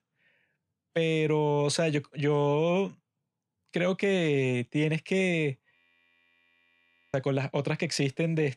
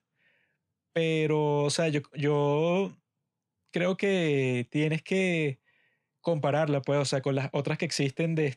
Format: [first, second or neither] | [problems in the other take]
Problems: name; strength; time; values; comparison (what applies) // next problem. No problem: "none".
second | audio freezing; at 6 s for 1.5 s